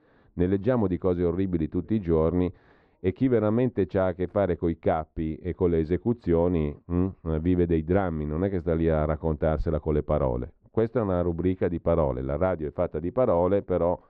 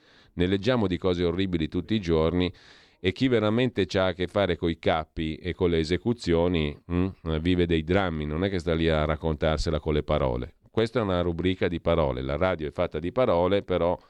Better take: second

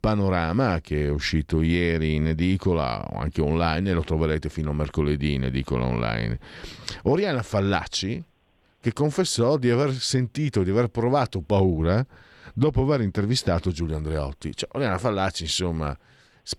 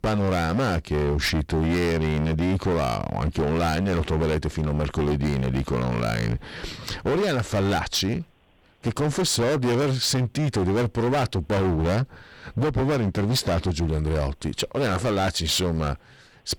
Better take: first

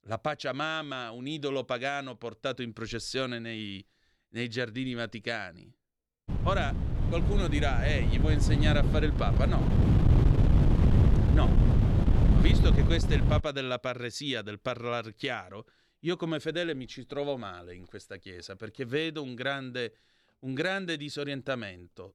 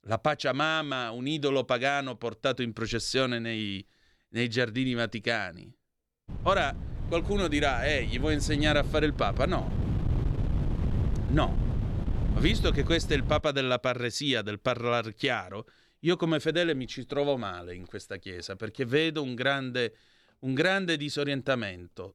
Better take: second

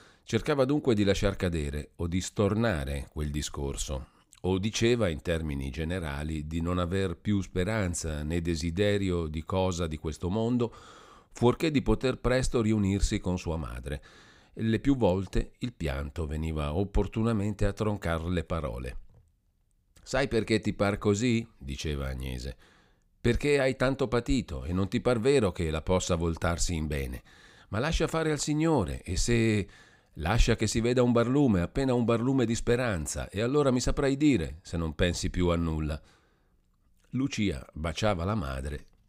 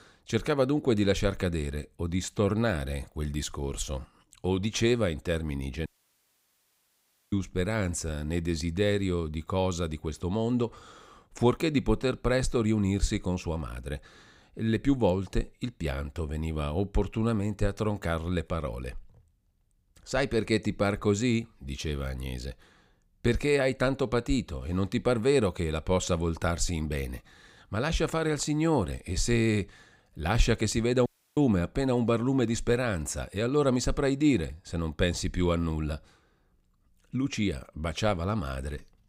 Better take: first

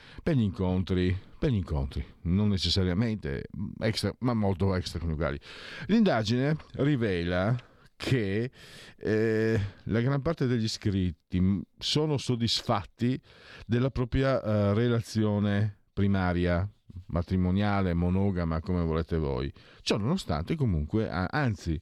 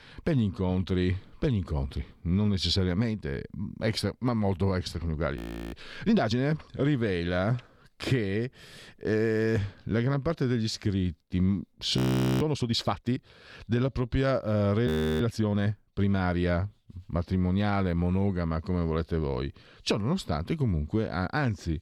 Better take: first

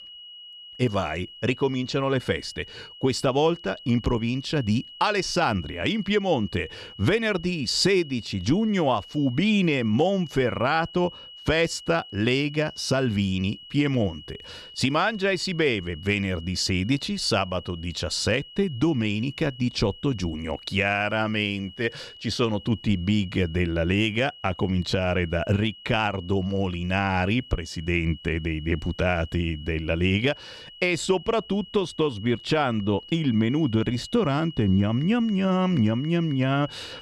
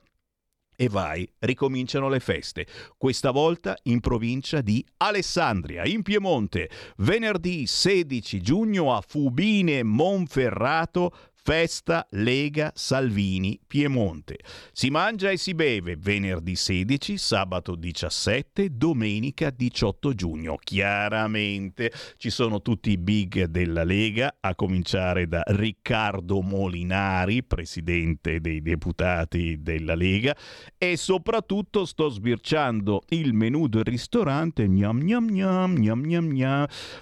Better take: second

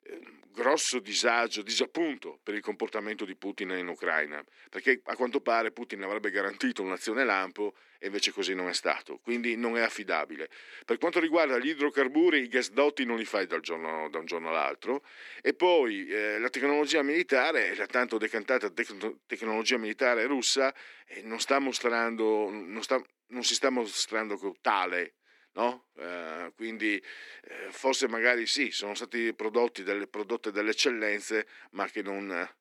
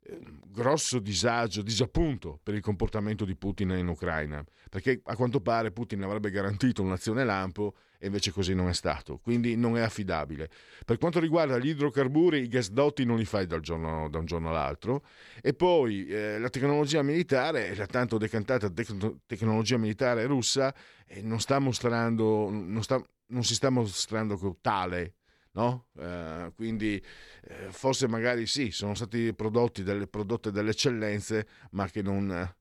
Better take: second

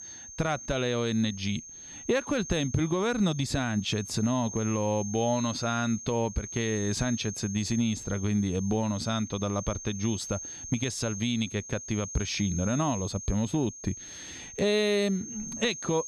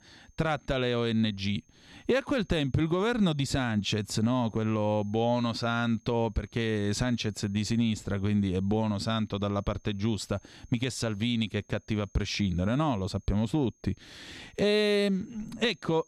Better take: second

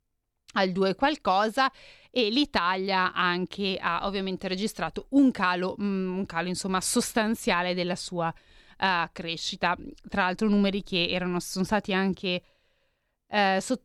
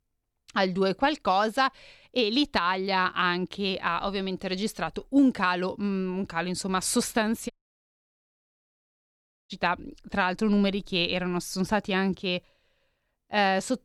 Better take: first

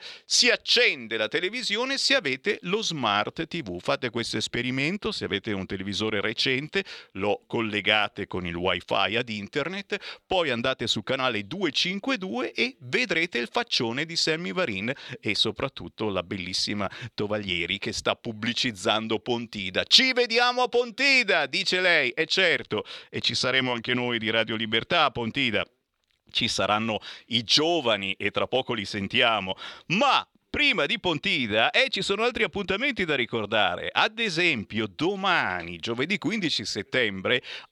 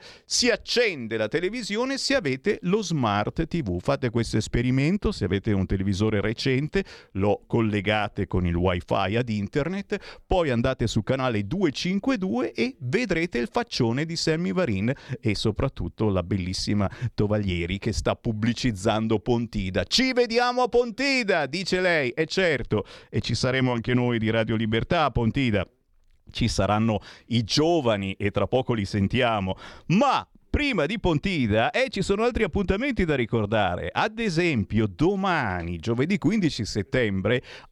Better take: second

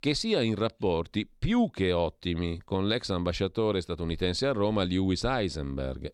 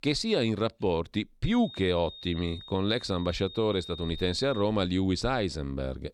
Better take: first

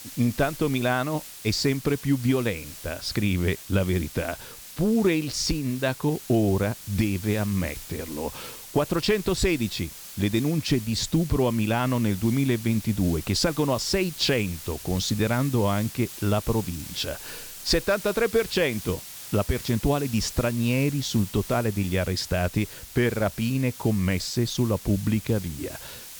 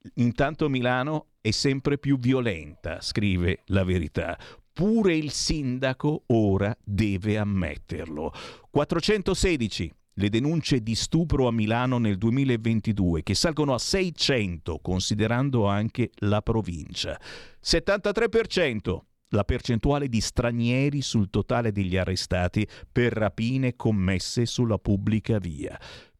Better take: second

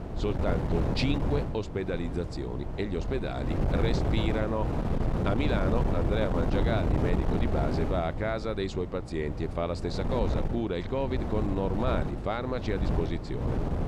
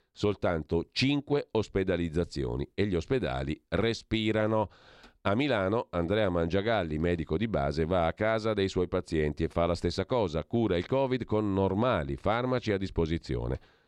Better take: second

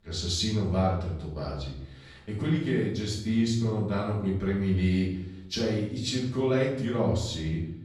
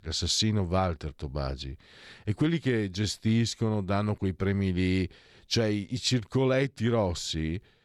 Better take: second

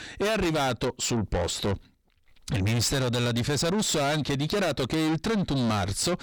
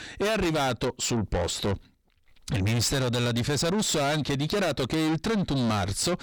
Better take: neither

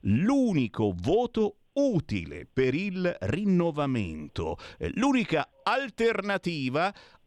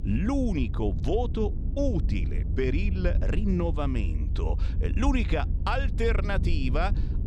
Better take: first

